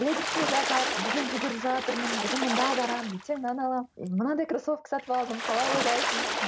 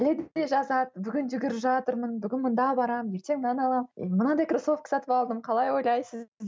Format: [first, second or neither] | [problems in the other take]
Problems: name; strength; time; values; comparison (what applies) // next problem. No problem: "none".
second | background sound (Water / Splash, splatter); 2 dB below the speech